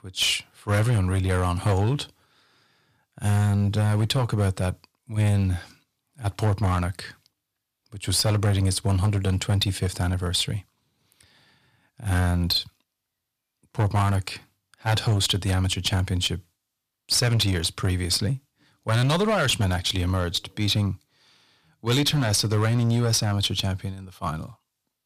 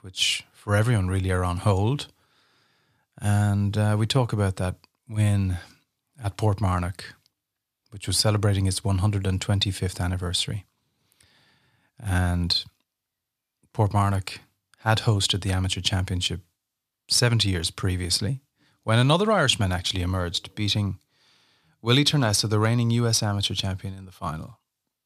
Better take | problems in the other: second | distortion; slight; 7% of the sound clipped

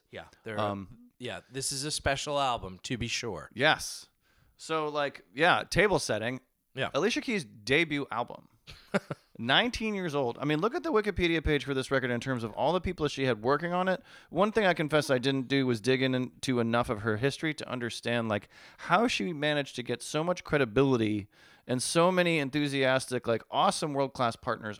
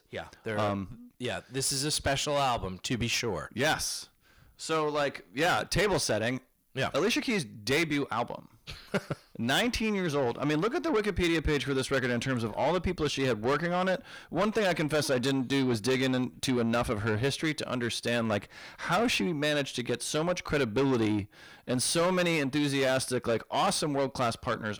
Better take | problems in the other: first | distortion; heavy; 7 dB below the speech

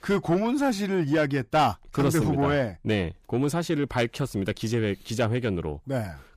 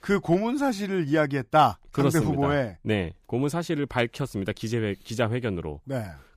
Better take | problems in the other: second | distortion; slight; 10 dB below the speech

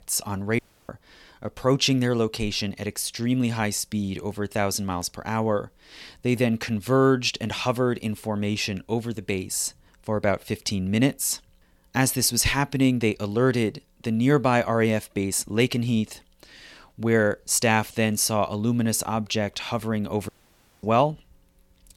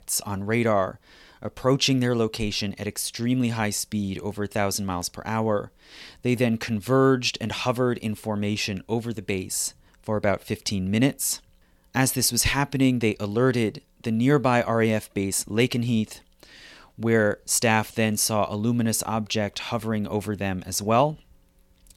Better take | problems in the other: second | audio cutting out; at 0.5 s and at 20 s for 0.5 s

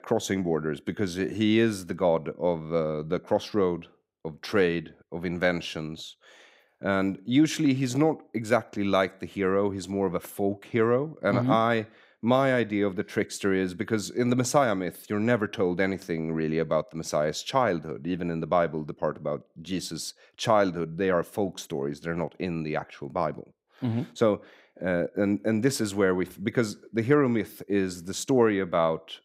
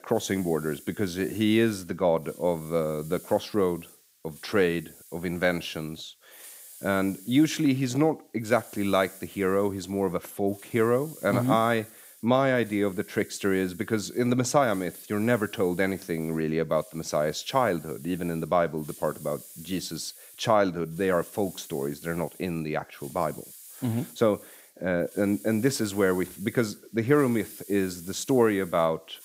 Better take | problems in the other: first | hiss; noticeable; throughout; 20 dB below the speech

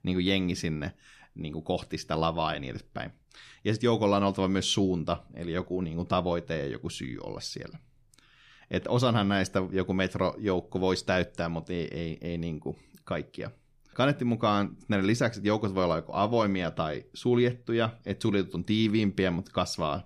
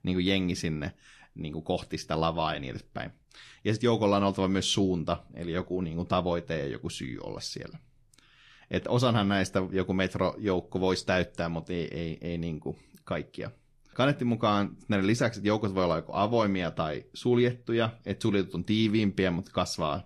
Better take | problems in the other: first | garbled, watery; slightly; nothing above 11.5 kHz

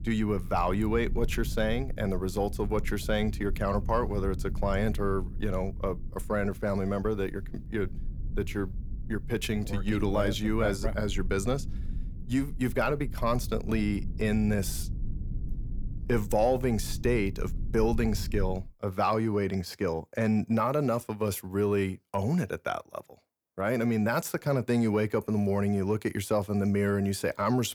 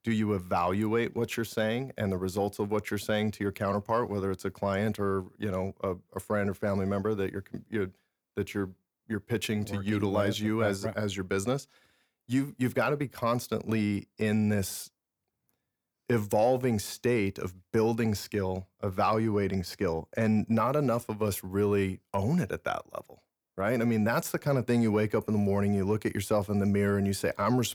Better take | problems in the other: second | low rumble; faint; until 19 s; 20 dB below the speech

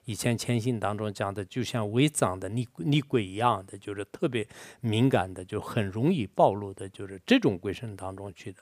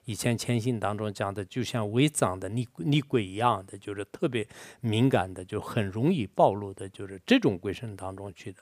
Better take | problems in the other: neither | none

